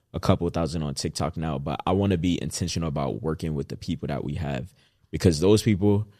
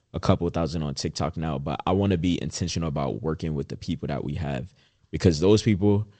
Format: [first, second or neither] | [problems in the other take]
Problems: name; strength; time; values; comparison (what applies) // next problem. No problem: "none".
first | garbled, watery; slightly; nothing above 8 kHz